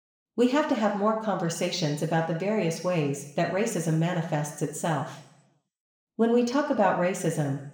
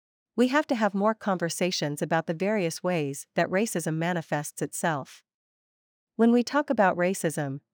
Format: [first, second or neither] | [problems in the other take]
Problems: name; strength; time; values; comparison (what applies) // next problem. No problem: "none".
second | room echo; noticeable; dies away in 0.7 s // off-mic speech; somewhat distant